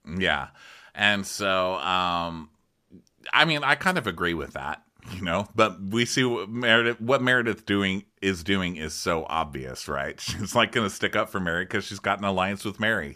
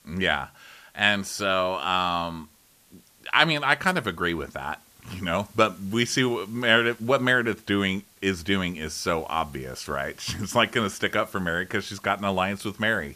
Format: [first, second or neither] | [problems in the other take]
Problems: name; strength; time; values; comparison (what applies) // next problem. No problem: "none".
first | hiss; faint; throughout; 30 dB below the speech